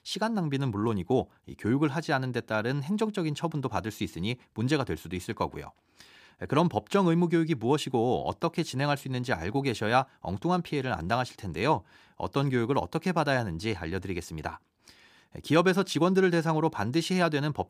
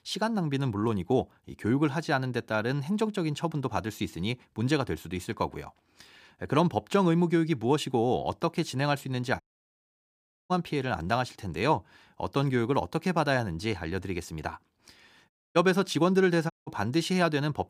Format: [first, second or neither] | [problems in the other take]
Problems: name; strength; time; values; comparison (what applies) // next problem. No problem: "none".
first | audio cutting out; at 9.5 s for 1 s, at 15 s and at 17 s